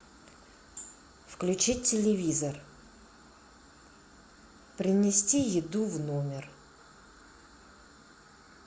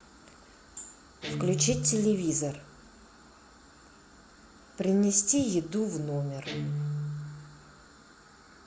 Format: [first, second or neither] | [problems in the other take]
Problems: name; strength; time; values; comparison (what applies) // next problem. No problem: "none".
first | background sound (Guitar); 8 dB below the speech